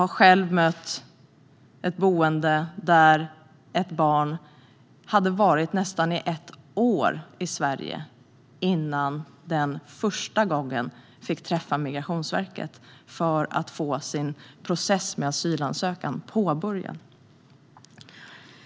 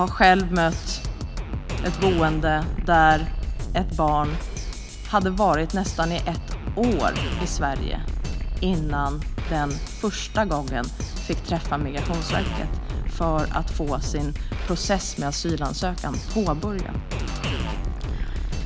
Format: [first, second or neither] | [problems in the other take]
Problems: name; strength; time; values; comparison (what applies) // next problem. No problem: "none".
first | background sound (Drum kit); 2 dB below the speech